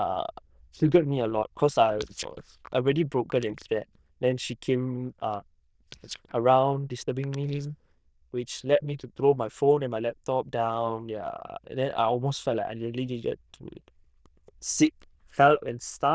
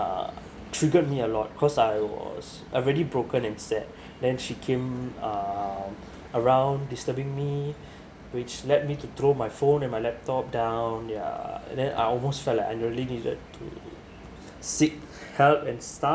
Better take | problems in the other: second | noise reduction (neural diffusion model UNIVERSE++)

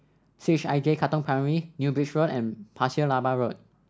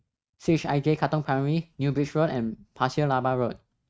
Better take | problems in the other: first | noise reduction (neural mask model RNNoise)

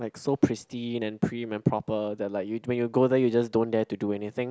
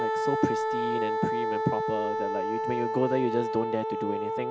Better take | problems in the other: first | background sound (Wind instrument, woodwind instrument); 2 dB above the speech

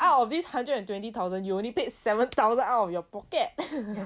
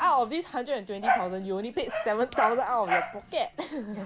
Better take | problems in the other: first | background sound (Dog); 4 dB below the speech

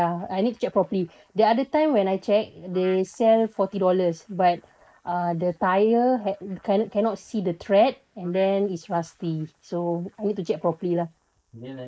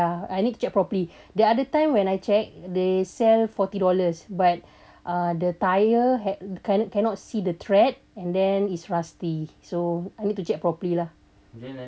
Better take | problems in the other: second | noise reduction (neural mask model Resemble Enhance denoiser)

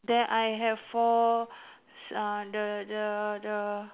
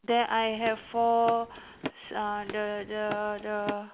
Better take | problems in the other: first | background sound (Run); 13 dB below the speech

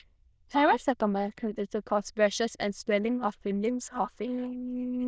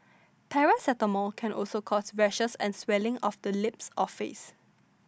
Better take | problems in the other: second | noise reduction (neural diffusion model UNIVERSE++)

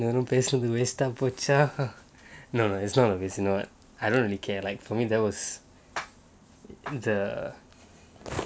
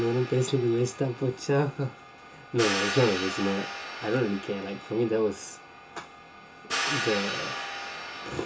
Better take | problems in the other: first | background sound (Hi-hat); 6 dB below the speech // room echo; dies away in 0.2 s

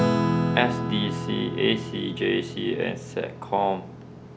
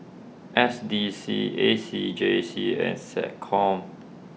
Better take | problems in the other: second | background sound (Acoustic guitar / Strum); 1 dB below the speech

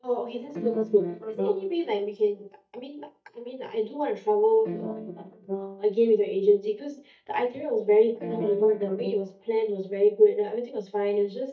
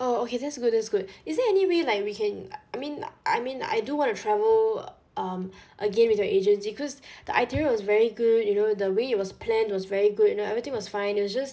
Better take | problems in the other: second | noise reduction (neural mask model DeepFilterNet 3)

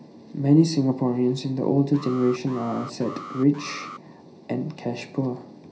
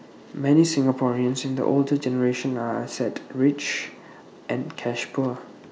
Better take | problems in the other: second | background sound (Alarm); 17 dB below the speech // room echo; dies away in 0.4 s

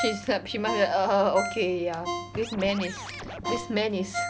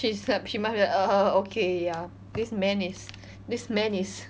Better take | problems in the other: second | background sound (Scratching (performance technique) + Ringtone); 8 dB below the speech

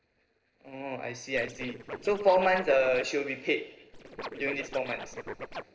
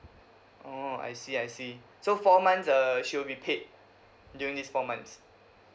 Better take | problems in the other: second | noise reduction (neural separator model SepFormer DNS4)

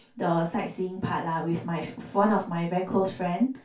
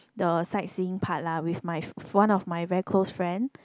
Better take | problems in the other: second | room echo; dies away in 0.2 s

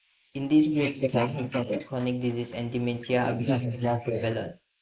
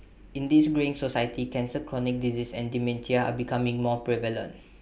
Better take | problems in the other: second | noise reduction (neural mask model Resemble Enhance denoiser)

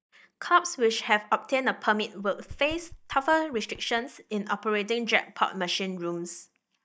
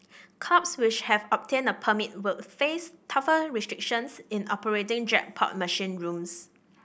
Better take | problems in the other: second | noise reduction (neural mask model DeepFilterNet 3)

